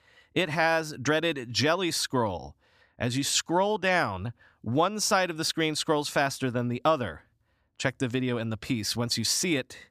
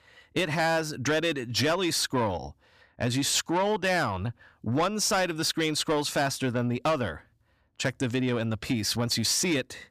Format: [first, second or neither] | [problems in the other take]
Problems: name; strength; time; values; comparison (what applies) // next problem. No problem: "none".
first | distortion; slight; 10 dB below the speech